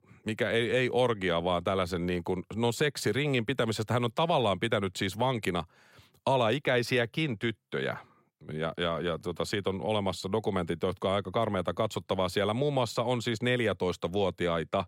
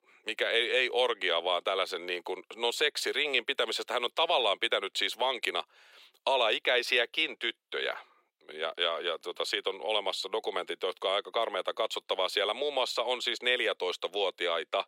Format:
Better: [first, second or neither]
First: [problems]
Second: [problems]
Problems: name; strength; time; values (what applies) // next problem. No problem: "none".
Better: first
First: none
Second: thin; very; fading below 400 Hz